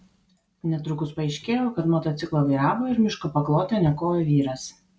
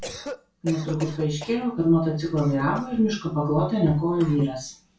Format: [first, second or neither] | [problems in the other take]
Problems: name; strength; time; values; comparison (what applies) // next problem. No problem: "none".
first | background sound (Cough); 17 dB below the speech // room echo; dies away in 0.3 s